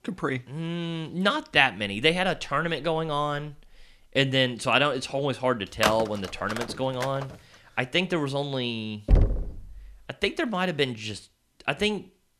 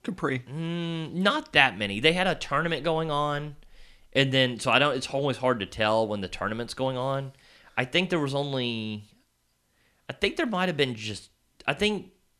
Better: second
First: phone ringing; noticeable; from 6 to 7 s; peak 1 dB below the speech // door banging; loud; at 9 s; peak 3 dB above the speech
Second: none

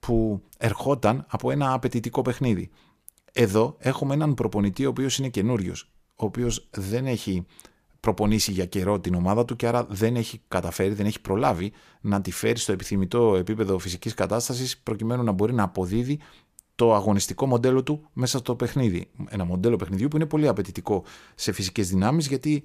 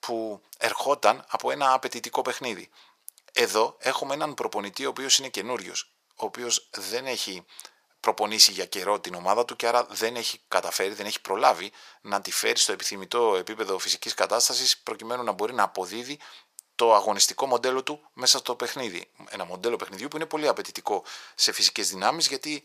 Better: first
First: none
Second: thin; very; fading below 750 Hz

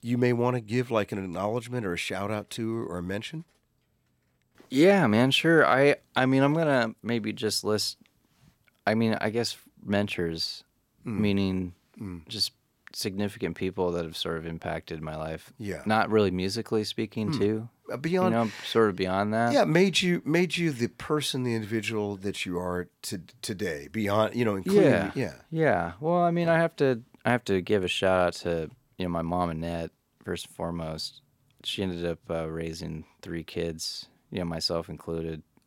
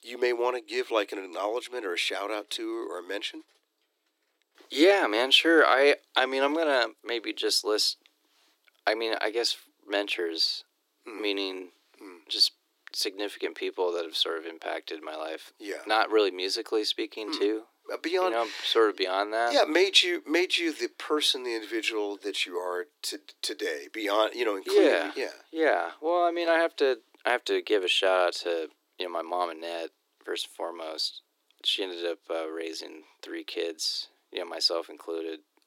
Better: first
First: none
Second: thin; very; fading below 300 Hz

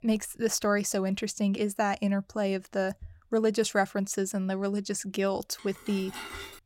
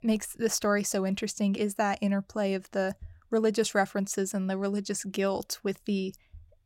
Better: second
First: clattering dishes; noticeable; from 5.5 s on; peak 10 dB below the speech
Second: none

